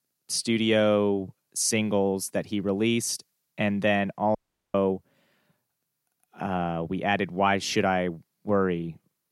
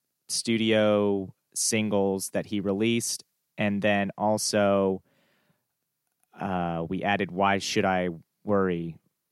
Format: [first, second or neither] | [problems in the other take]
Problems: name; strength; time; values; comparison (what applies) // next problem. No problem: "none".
second | audio cutting out; at 4.5 s